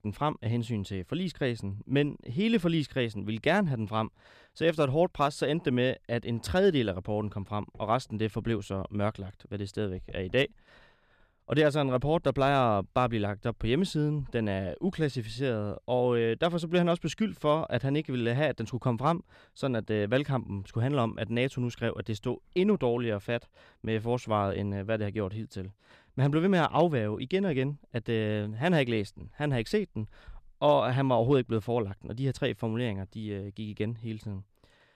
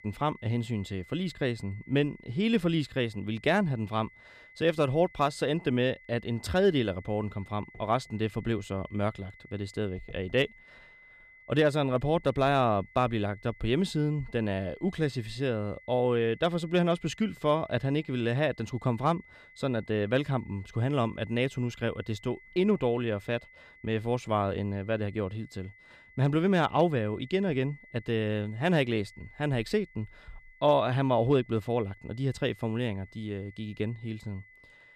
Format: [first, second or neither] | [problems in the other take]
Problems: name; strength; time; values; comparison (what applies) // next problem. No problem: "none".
first | high-pitched whine; faint; throughout; 2 kHz, 25 dB below the speech